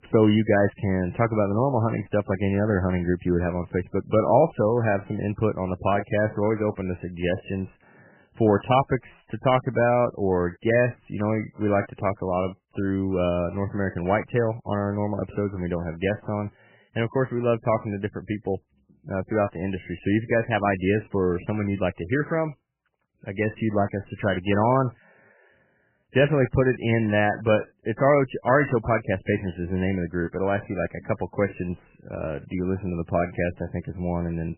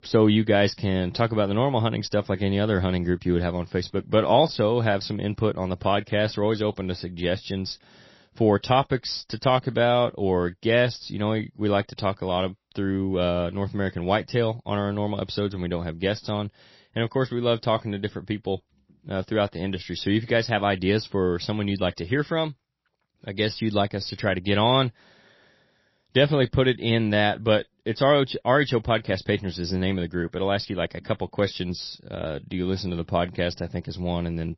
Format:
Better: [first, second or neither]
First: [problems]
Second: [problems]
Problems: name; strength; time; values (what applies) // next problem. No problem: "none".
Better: second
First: garbled, watery; badly; nothing above 3 kHz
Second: garbled, watery; slightly; nothing above 5.5 kHz